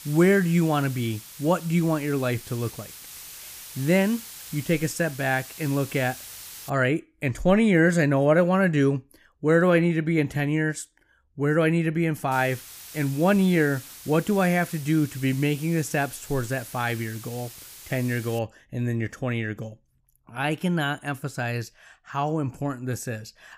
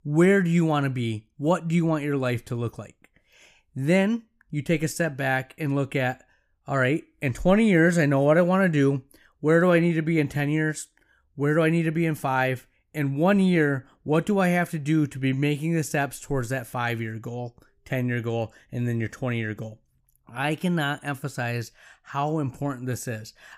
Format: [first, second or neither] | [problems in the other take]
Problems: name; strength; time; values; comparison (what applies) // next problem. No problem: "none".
second | hiss; noticeable; until 6.5 s and from 12 to 18 s; 15 dB below the speech